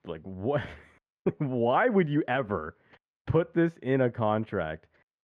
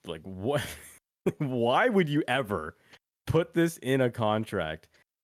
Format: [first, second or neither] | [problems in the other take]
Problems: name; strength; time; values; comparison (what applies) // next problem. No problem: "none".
second | muffled; very; fading above 2 kHz